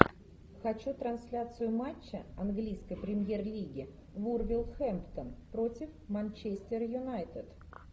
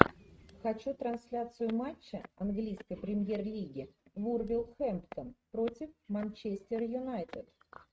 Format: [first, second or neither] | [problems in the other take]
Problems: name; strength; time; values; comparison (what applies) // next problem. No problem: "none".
first | noise reduction (neural mask model RNNoise)